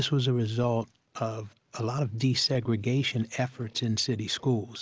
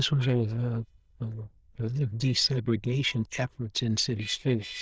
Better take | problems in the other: first | noise reduction (neural diffusion model UNIVERSE++)

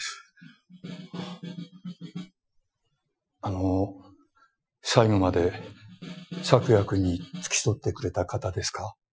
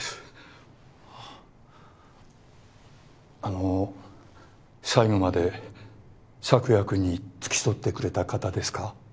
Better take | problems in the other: second | noise reduction (classical method Wiener filter)

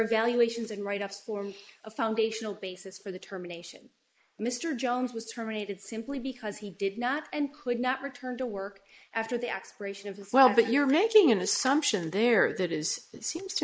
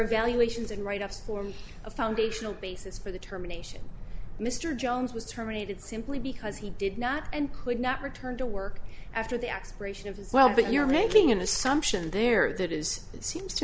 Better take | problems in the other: second | noise reduction (neural mask model Resemble Enhance denoiser)

